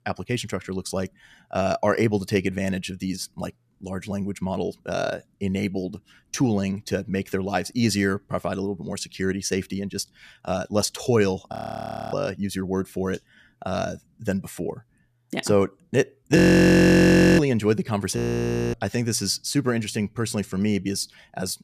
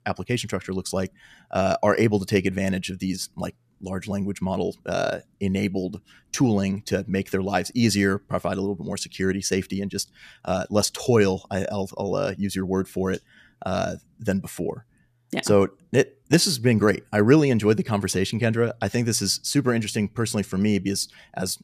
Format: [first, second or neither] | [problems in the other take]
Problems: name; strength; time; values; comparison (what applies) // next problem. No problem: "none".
second | audio freezing; at 12 s for 0.5 s, at 16 s for 1 s and at 18 s for 0.5 s